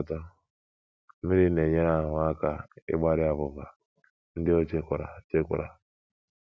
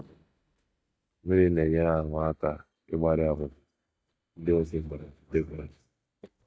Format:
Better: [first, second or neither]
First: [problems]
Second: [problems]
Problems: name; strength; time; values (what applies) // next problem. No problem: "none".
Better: first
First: none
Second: noise reduction (neural mask model DeepFilterNet 3)